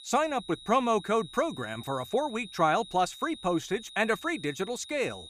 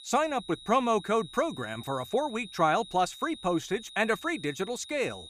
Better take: neither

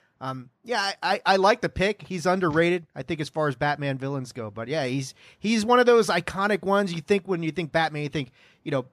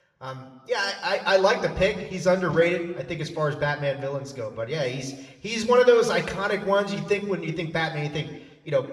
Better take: first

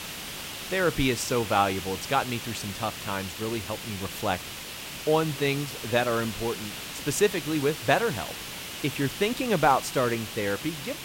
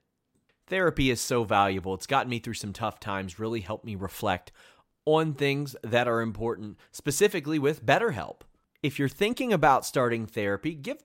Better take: second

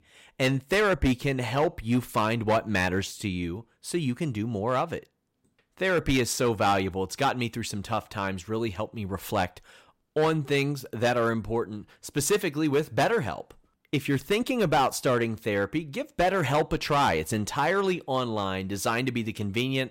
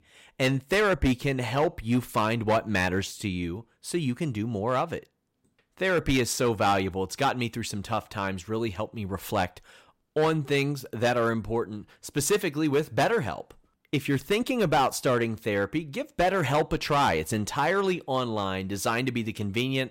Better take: neither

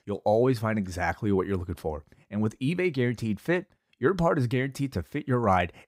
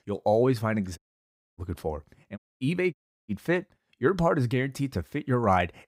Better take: first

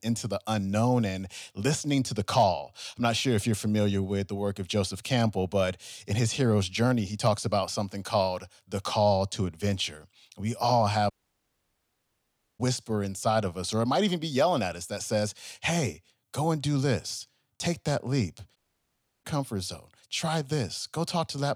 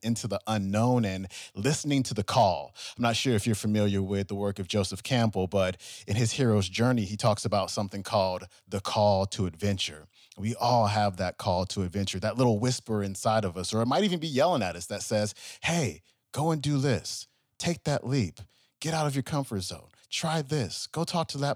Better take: second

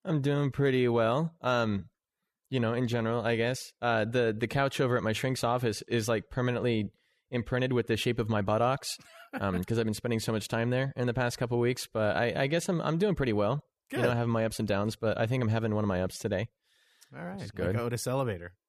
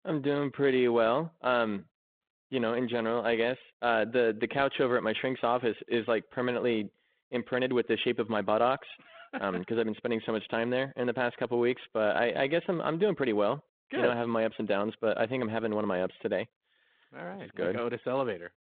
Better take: first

